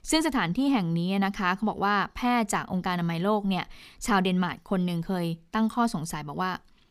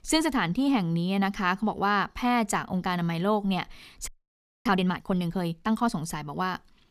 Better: first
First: none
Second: audio freezing; at 4 s for 0.5 s

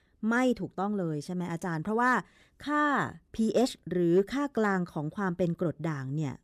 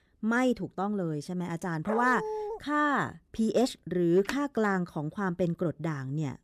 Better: first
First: none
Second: dog barking; noticeable; at 2 s; peak 5 dB below the speech // phone ringing; noticeable; at 4.5 s; peak 10 dB below the speech

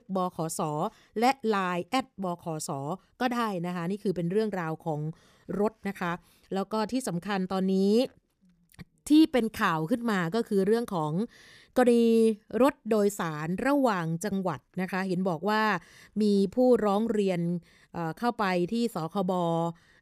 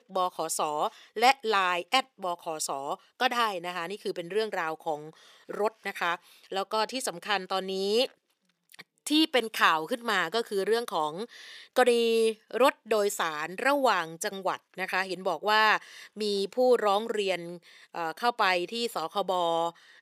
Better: first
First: none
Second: thin; somewhat; fading below 500 Hz

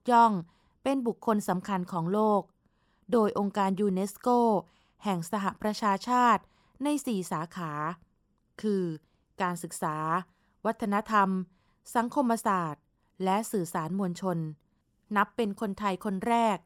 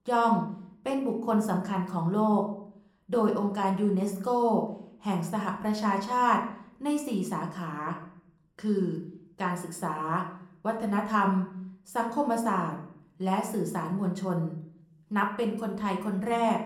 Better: first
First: none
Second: room echo; slight; dies away in 0.5 s // off-mic speech; somewhat distant

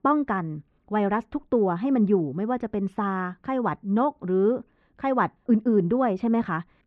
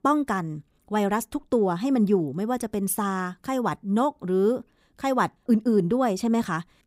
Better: second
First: muffled; very; fading above 2.5 kHz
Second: none

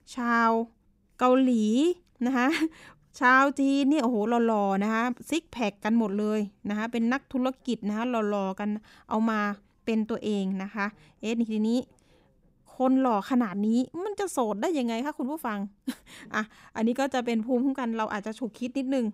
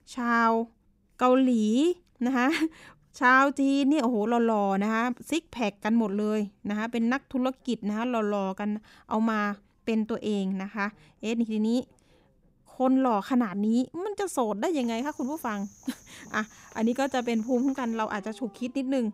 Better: first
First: none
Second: animal sounds; faint; from 15 s on; 25 dB below the speech

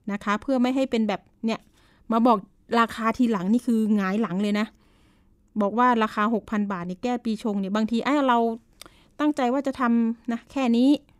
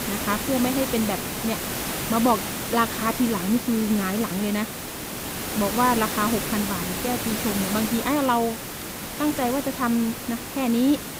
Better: first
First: none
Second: hiss; loud; throughout; 4 dB below the speech

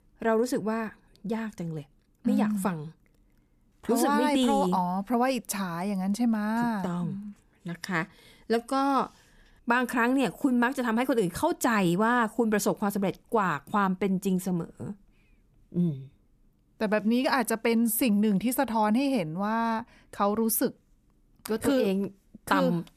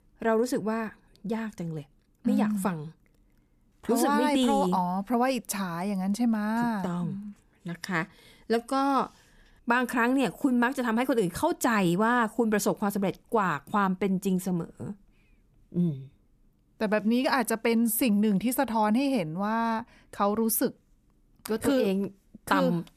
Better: neither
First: none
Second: none

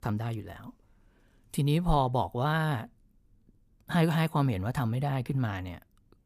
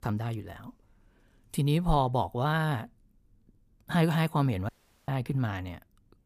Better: first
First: none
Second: audio cutting out; at 4.5 s

